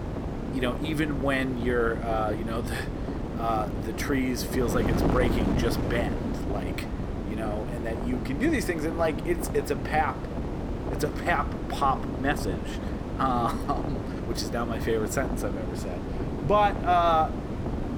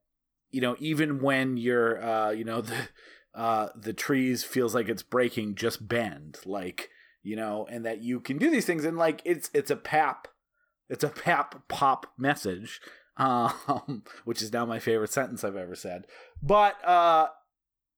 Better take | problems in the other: second | wind noise on the microphone; heavy; 8 dB below the speech

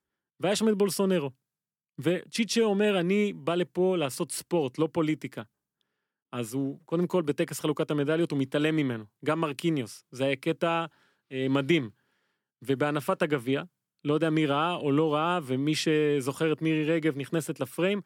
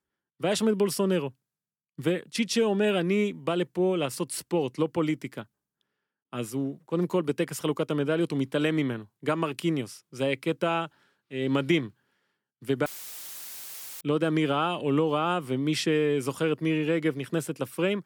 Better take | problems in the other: first | audio cutting out; filled with static; at 13 s for 1 s

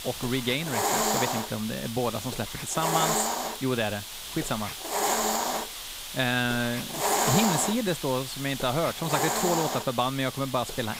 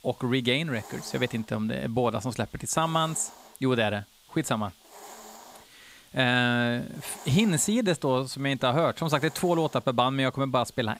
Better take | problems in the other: second | hiss; loud; throughout; as loud as the speech; faint in the second

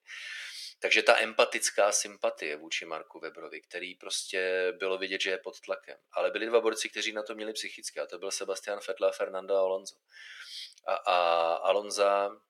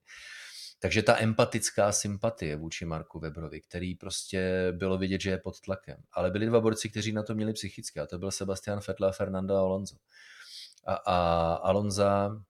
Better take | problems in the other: second | thin; very; fading below 350 Hz

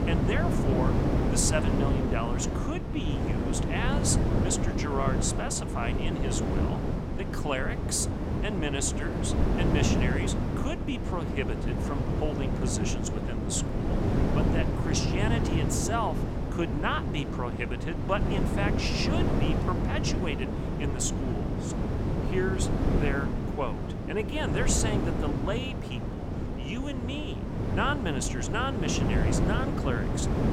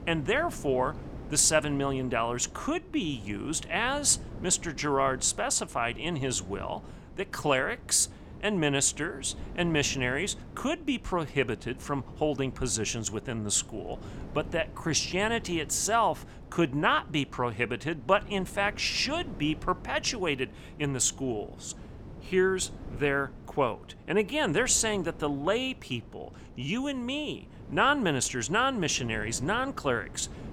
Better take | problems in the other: second | wind noise on the microphone; heavy; 2 dB below the speech; occasional gusts in the second

